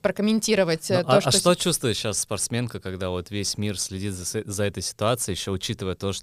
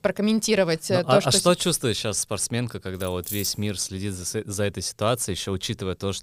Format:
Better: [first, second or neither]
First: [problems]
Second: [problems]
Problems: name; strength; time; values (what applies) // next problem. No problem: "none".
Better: first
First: none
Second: jangling keys; noticeable; at 3 s; peak 7 dB below the speech